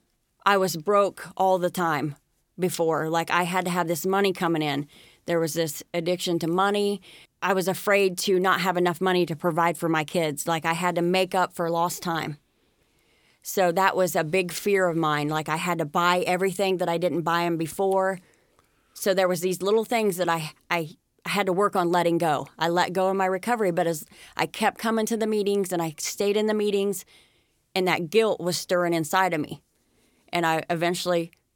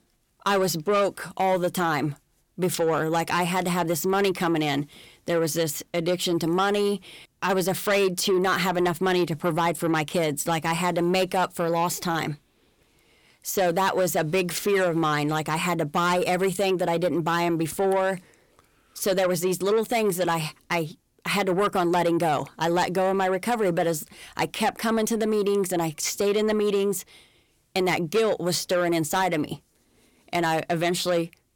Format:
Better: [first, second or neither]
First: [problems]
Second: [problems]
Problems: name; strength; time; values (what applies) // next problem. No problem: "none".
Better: first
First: none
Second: distortion; slight; 10 dB below the speech